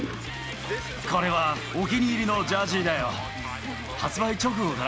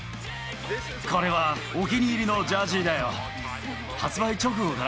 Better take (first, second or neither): second